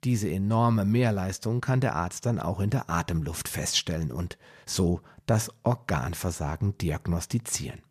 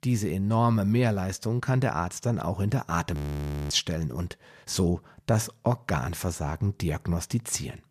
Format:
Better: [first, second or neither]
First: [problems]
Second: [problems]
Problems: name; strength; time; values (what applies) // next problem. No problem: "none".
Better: first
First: none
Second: audio freezing; at 3 s for 0.5 s